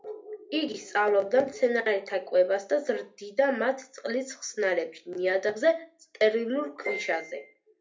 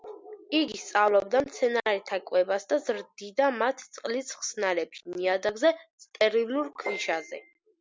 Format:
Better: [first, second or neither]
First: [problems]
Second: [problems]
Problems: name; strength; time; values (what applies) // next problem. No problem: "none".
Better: second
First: room echo; dies away in 0.3 s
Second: none